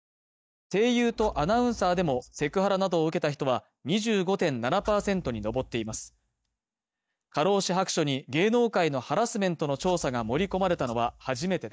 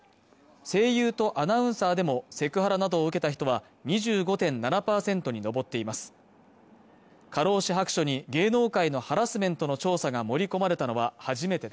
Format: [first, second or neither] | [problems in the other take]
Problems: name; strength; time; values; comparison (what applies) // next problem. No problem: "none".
second | noise reduction (neural mask model DeepFilterNet 3)